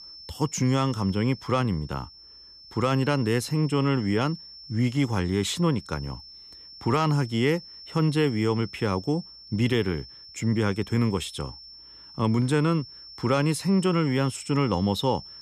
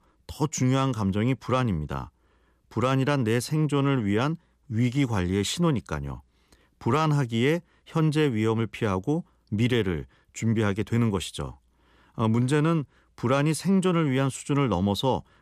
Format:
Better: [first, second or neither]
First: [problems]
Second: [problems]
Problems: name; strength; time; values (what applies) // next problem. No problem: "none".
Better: second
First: high-pitched whine; noticeable; throughout; 5.5 kHz, 15 dB below the speech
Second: none